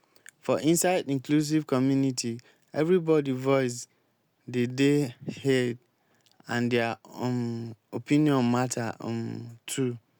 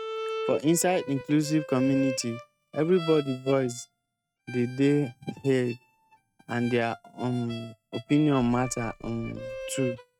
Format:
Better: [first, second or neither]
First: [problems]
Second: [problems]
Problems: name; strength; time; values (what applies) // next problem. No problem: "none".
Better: first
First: none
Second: noise reduction (neural mask model RNNoise)